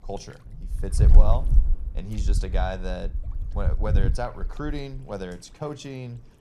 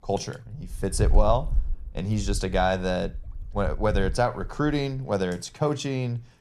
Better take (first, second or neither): second